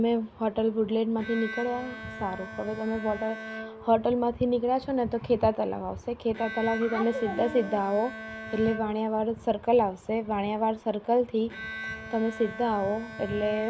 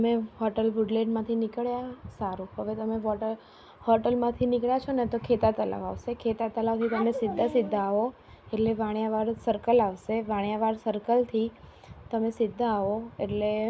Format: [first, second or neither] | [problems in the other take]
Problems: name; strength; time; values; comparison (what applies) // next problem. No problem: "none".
second | background sound (Bowed string instrument); 14 dB below the speech